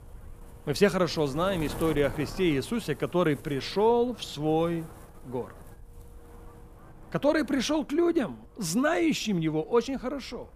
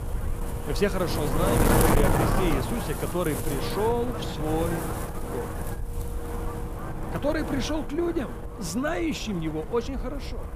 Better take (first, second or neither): first